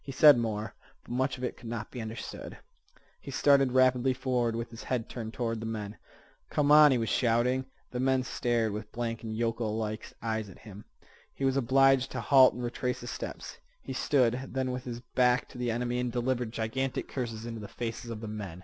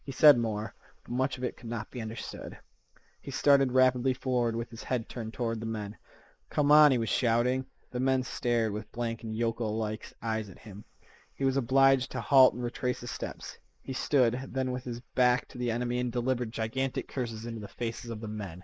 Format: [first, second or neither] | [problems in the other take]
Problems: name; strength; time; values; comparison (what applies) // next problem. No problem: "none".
first | noise reduction (neural mask model Resemble Enhance denoiser)